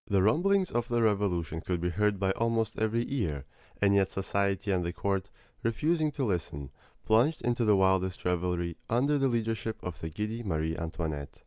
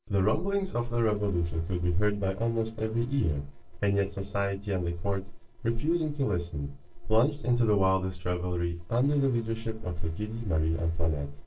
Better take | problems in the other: first | noise reduction (neural separator model SepFormer DNS4)

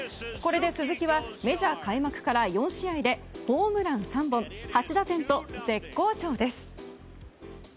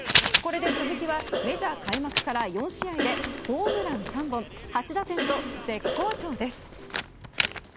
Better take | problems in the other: first | background sound (Cough + Writing); as loud as the speech

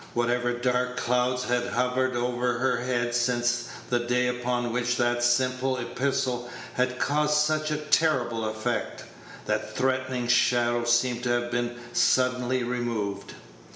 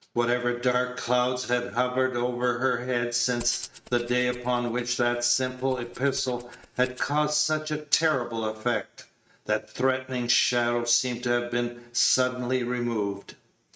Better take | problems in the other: first | noise reduction (neural mask model RNNoise)

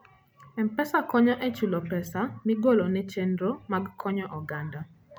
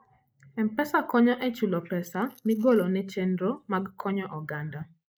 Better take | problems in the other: first | noise reduction (neural mask model Resemble Enhance denoiser)

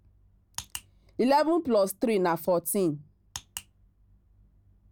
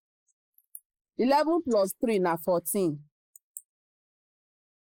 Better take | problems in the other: first | noise reduction (neural mask model Resemble Enhance denoiser)

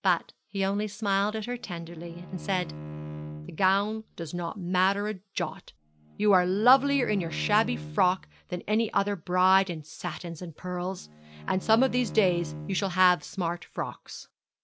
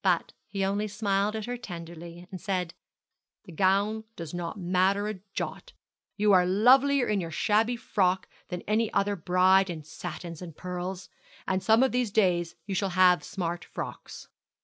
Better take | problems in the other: second | background sound (Bowed string instrument); 13 dB below the speech

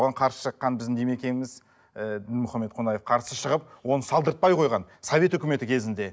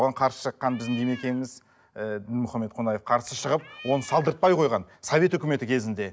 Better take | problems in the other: first | background sound (Cat); 18 dB below the speech

